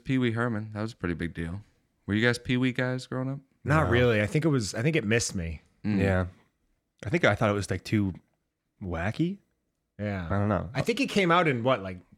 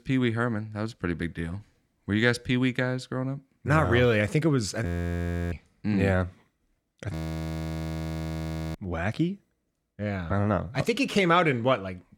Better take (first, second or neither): first